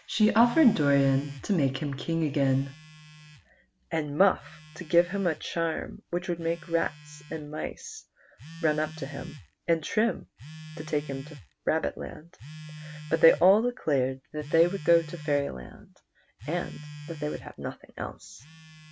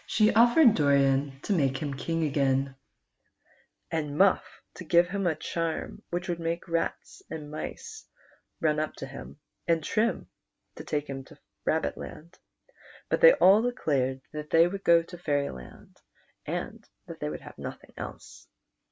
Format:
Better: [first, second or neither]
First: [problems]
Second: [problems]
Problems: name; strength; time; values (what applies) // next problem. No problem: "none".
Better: second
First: background sound (Telephone); 17 dB below the speech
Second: none